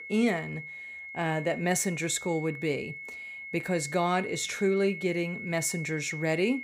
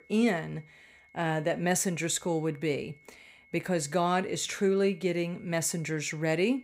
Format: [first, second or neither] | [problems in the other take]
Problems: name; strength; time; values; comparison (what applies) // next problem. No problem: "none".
second | high-pitched whine; loud; throughout; 2 kHz, 9 dB below the speech; faint in the second